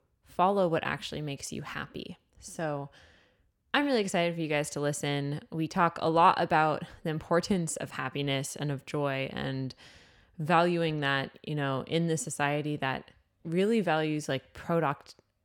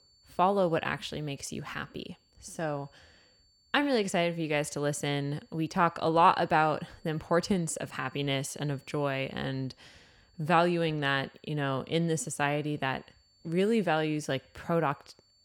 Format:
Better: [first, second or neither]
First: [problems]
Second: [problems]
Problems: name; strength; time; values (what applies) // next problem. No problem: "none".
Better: first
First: none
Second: high-pitched whine; faint; throughout; 4.5 kHz, 35 dB below the speech